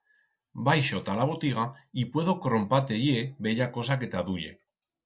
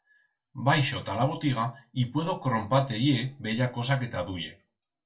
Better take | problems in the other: first | room echo; dies away in 0.2 s

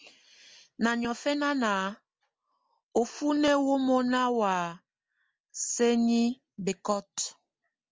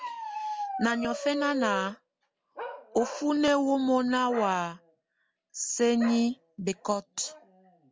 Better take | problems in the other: first | background sound (Bark); 11 dB below the speech

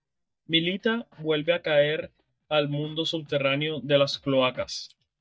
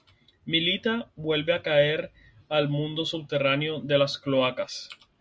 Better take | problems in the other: second | noise reduction (neural mask model DeepFilterNet 3)

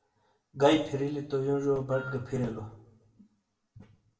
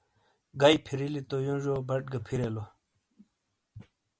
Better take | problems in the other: second | background sound (Wind instrument, woodwind instrument); 14 dB below the speech // room echo; dies away in 0.6 s

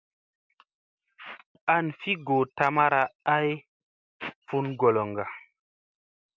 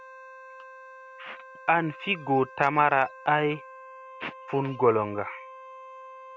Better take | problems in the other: first | background sound (Wind instrument, woodwind instrument); 17 dB below the speech

